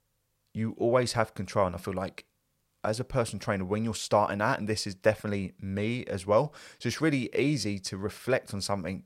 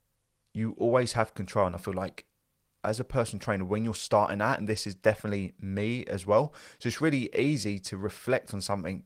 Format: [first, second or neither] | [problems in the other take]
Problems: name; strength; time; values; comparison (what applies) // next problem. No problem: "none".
first | garbled, watery; slightly; nothing above 16 kHz